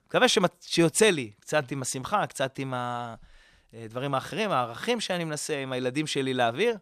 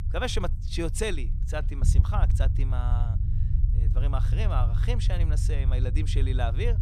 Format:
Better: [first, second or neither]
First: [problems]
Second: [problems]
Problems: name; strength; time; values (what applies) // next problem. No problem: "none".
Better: first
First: none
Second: low rumble; loud; throughout; 9 dB below the speech